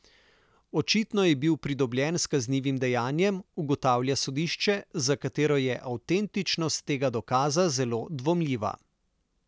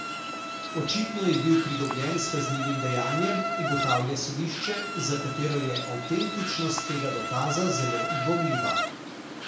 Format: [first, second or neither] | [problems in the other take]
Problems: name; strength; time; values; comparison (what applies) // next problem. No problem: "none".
first | background sound (Insect); 3 dB below the speech // room echo; dies away in 0.5 s